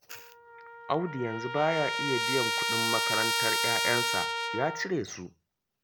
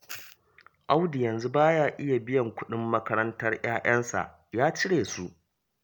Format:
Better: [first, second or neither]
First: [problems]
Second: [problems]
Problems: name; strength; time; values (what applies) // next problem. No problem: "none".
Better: second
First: background sound (Trumpet); 1 dB above the speech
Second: none